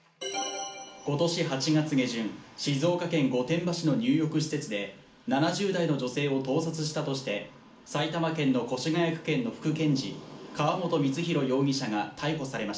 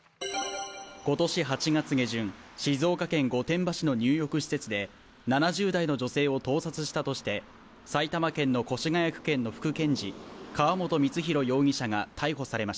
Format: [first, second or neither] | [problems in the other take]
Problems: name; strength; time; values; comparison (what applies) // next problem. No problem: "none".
second | room echo; dies away in 0.4 s